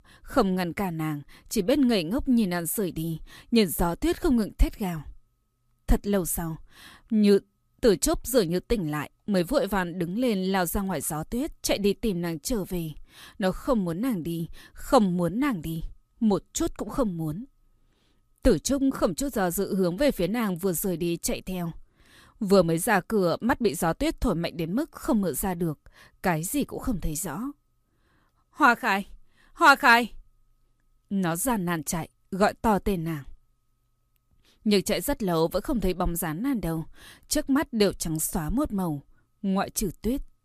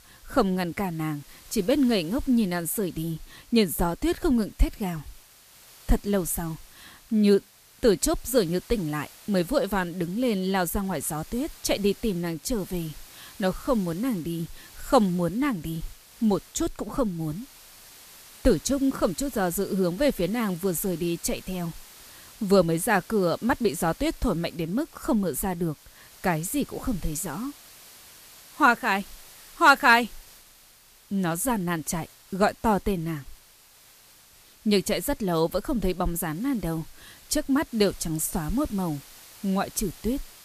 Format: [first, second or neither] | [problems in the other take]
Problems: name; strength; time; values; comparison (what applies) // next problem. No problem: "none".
first | hiss; faint; throughout; 20 dB below the speech